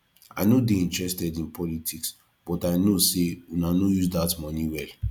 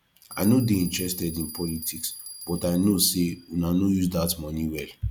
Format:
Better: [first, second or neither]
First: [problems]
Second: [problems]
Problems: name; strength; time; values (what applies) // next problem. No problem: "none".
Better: first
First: none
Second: background sound (Bell); 15 dB below the speech